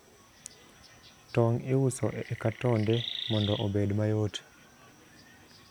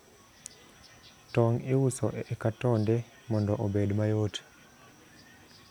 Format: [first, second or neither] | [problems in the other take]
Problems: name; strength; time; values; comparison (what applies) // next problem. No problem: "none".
second | background sound (Chirp, tweet); 10 dB below the speech